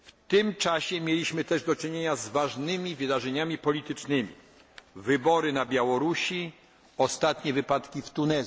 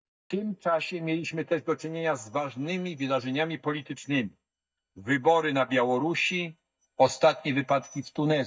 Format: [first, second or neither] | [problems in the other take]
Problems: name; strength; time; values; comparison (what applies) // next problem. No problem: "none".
first | noise reduction (neural mask model DeepFilterNet 3)